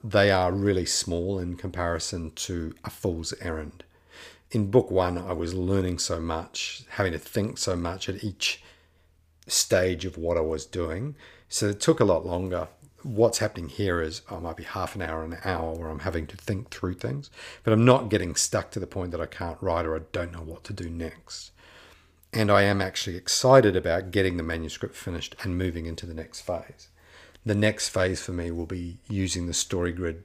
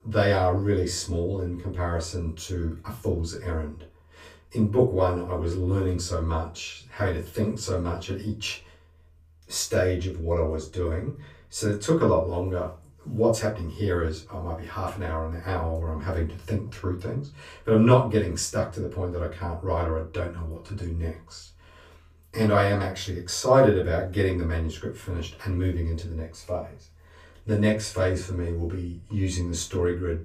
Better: first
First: none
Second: off-mic speech; far // room echo; very slight; dies away in 0.3 s

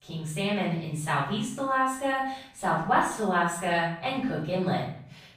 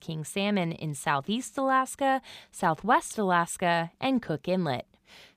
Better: second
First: room echo; noticeable; dies away in 0.6 s // off-mic speech; far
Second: none

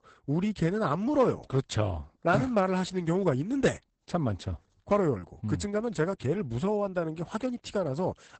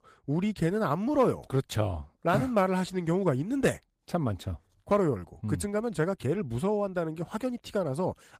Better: second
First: garbled, watery; badly; nothing above 8 kHz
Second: garbled, watery; slightly; nothing above 15 kHz

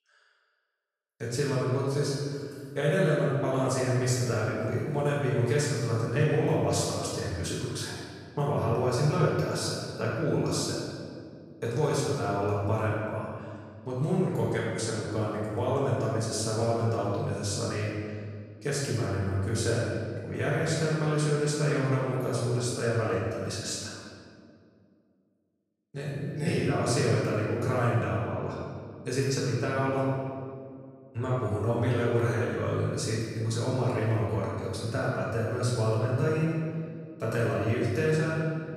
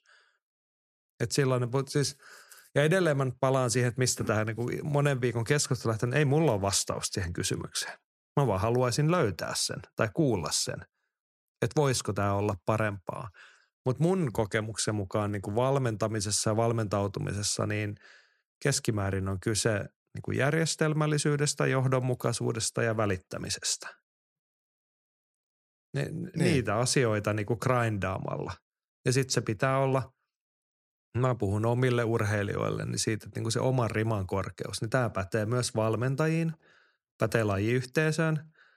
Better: second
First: room echo; strong; dies away in 1.8 s // off-mic speech; far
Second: none

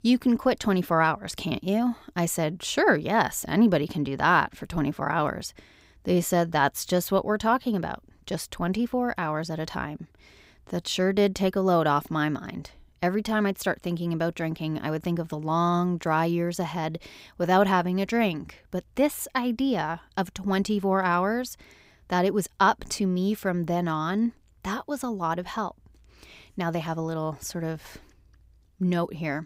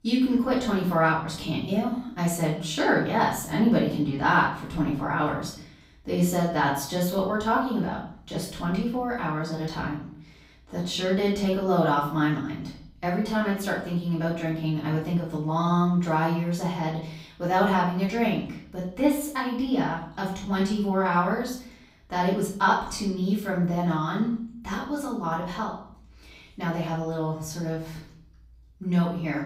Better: first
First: none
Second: off-mic speech; far // room echo; noticeable; dies away in 0.5 s

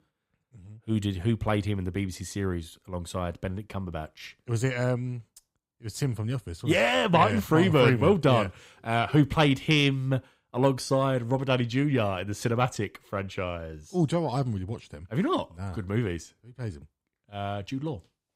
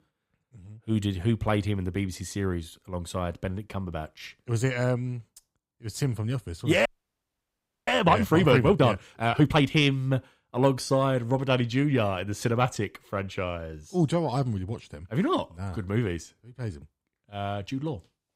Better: first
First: none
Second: audio freezing; at 7 s for 1 s

